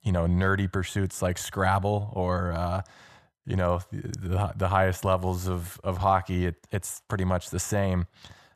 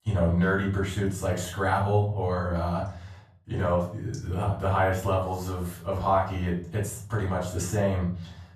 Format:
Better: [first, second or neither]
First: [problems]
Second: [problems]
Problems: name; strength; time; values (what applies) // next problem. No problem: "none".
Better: first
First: none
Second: room echo; slight; dies away in 0.5 s // off-mic speech; far